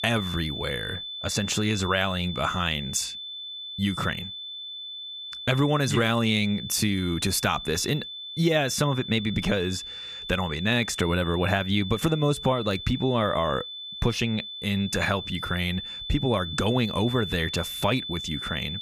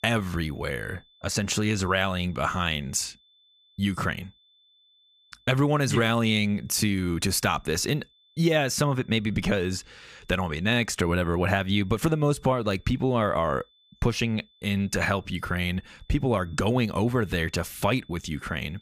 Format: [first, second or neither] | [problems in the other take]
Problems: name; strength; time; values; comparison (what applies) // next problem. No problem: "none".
second | high-pitched whine; loud; throughout; 3.5 kHz, 8 dB below the speech; faint in the second